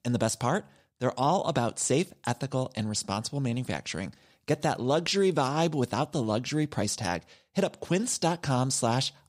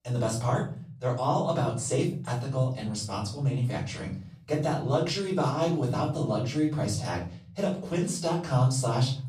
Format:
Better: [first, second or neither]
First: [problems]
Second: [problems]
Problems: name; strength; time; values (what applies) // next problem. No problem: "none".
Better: first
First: none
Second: off-mic speech; far // room echo; slight; dies away in 0.8 s